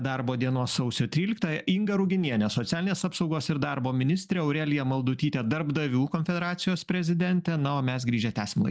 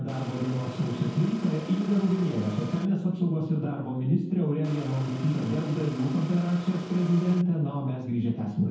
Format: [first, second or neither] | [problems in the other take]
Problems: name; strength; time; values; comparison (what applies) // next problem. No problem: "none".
first | background sound (Engine); 14 dB below the speech // room echo; dies away in 0.9 s